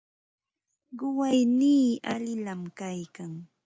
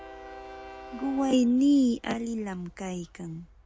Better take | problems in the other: first | background sound (Train); 18 dB below the speech

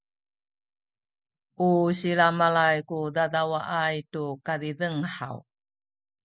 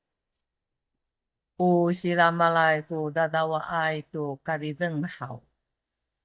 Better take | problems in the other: first | noise reduction (neural mask model DeepFilterNet 3)

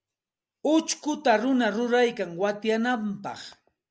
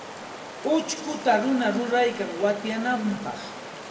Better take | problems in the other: first | background sound (Stream); 12 dB below the speech // room echo; dies away in 1.8 s

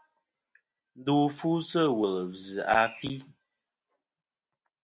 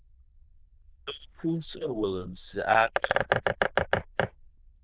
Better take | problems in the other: first | noise reduction (neural diffusion model UNIVERSE++)

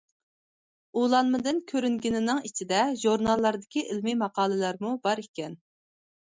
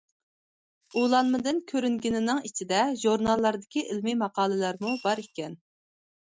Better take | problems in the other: first | background sound (Coin (dropping) / Glass); 16 dB below the speech

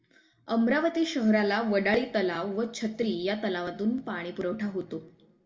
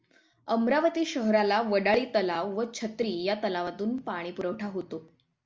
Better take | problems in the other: second | room echo; dies away in 0.6 s

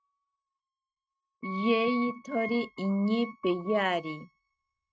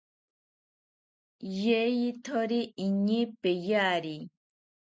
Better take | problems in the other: second | noise reduction (neural mask model RNNoise)

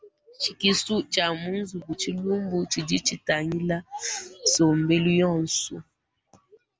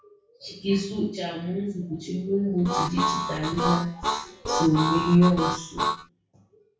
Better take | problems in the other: first | background sound (Harmonica); 2 dB below the speech // room echo; dies away in 0.6 s

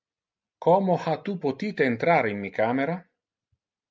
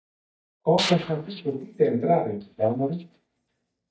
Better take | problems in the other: first | noise reduction (neural mask model DeepFilterNet 3)

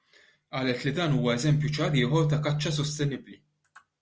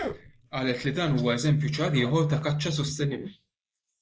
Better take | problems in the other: first | noise reduction (neural mask model Resemble Enhance denoiser)

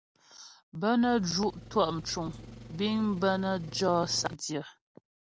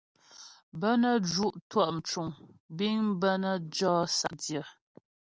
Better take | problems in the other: second | background sound (Engine); 15 dB below the speech

